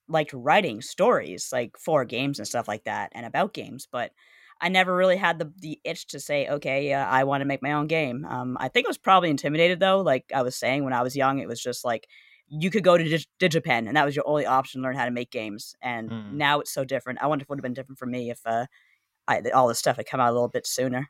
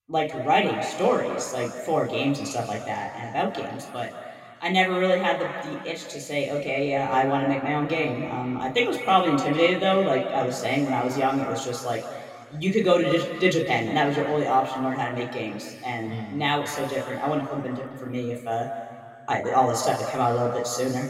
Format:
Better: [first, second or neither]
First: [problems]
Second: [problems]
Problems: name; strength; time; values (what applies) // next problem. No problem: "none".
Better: first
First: none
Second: room echo; noticeable; dies away in 2.1 s // off-mic speech; far